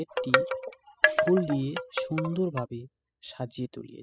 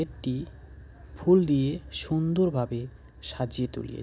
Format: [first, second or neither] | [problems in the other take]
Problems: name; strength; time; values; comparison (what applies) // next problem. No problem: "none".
second | noise reduction (classical method spectral subtraction)